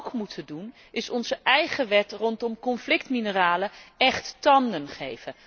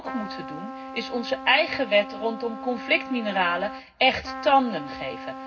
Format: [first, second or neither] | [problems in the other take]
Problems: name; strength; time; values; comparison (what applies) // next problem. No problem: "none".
first | background sound (Trumpet); 11 dB below the speech // room echo; dies away in 0.4 s